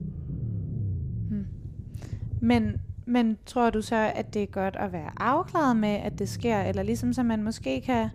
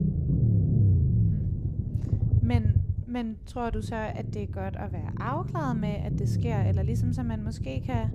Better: first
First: low rumble; faint; throughout; 20 dB below the speech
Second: low rumble; loud; throughout; 4 dB below the speech

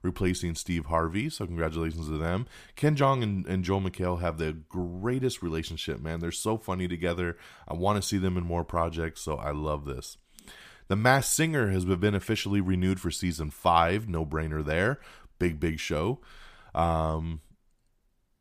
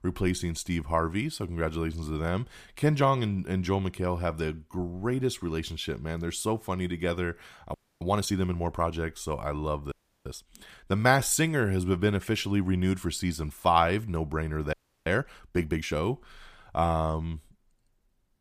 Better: first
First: none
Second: audio freezing; at 7.5 s, at 10 s and at 15 s

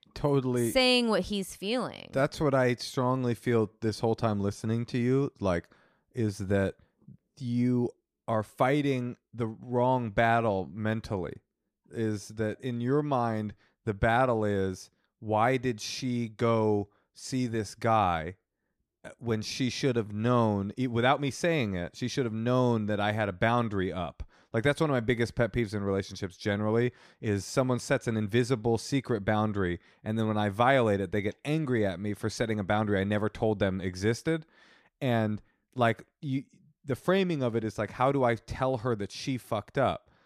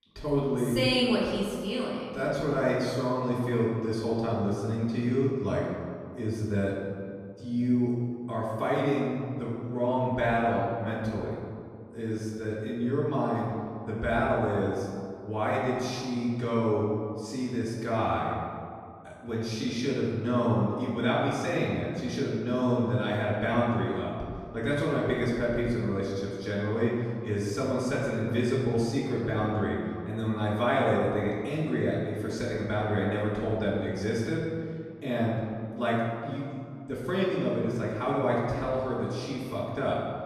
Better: first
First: none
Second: off-mic speech; far // room echo; noticeable; dies away in 1.8 s

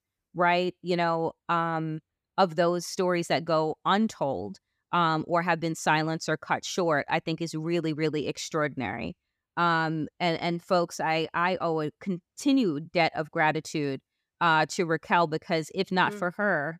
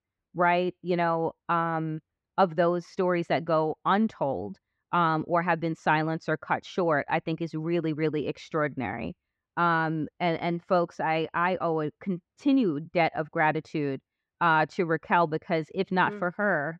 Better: first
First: none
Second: muffled; slightly; fading above 2.5 kHz

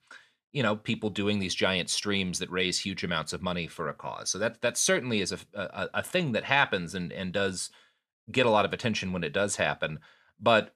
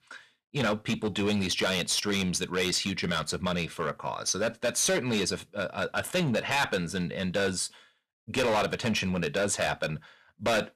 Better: first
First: none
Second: distortion; heavy; 10% of the sound clipped

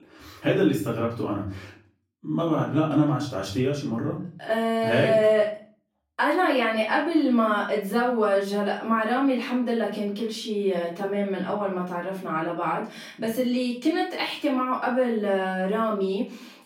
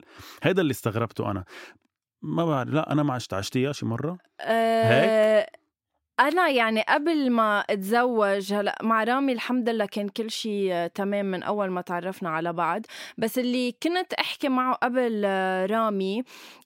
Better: second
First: off-mic speech; far // room echo; slight; dies away in 0.5 s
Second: none

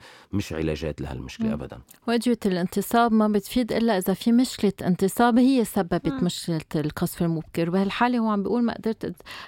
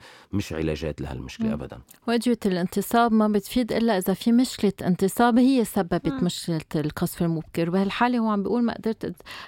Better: neither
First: none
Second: none

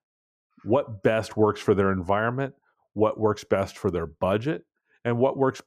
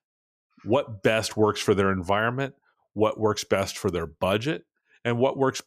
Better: second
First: muffled; slightly; fading above 2 kHz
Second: none

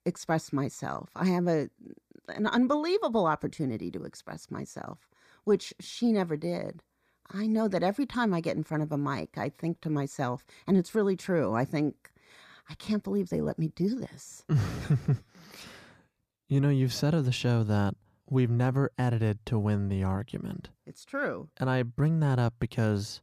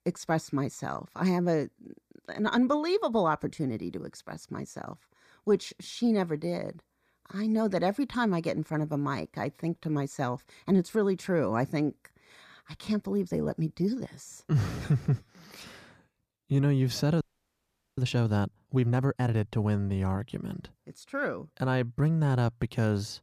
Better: first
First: none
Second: audio freezing; at 17 s for 1 s

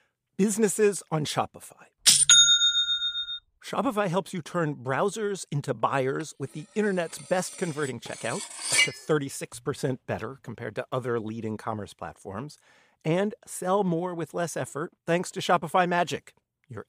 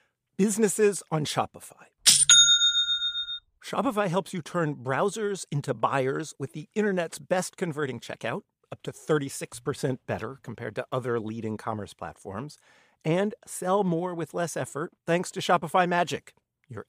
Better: second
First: clattering dishes; loud; at 8.5 s; peak 3 dB above the speech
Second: none

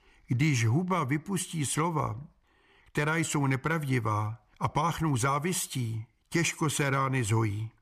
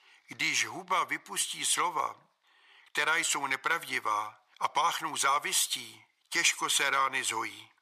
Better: first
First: none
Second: thin; very; fading below 800 Hz

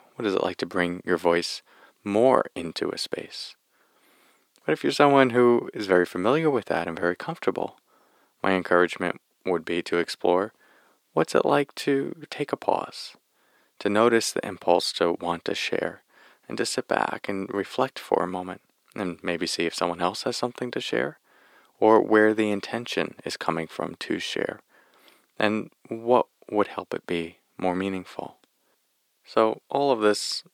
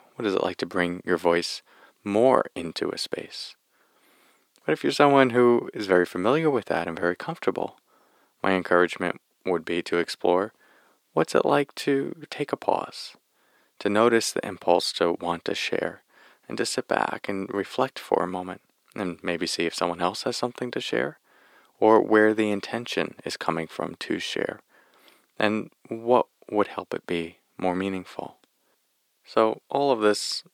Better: neither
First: thin; somewhat; fading below 300 Hz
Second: thin; somewhat; fading below 300 Hz

